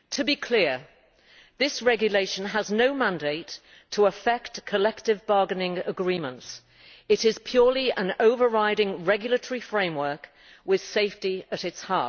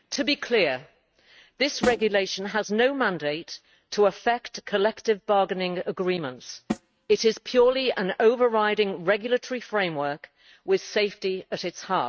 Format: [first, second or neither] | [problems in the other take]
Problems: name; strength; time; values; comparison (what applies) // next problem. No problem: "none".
first | noise reduction (neural mask model RNNoise)